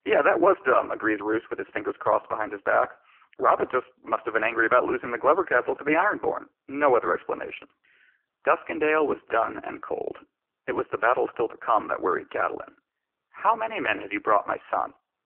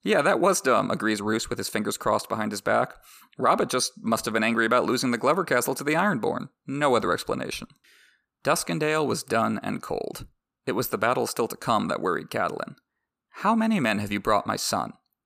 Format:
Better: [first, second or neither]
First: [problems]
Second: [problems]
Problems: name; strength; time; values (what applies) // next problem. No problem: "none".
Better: second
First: phone-call audio; poor line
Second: none